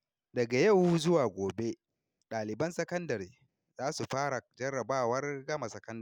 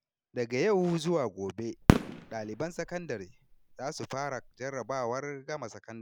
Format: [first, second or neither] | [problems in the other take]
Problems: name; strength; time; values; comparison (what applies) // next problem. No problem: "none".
first | background sound (Fireworks); 1 dB above the speech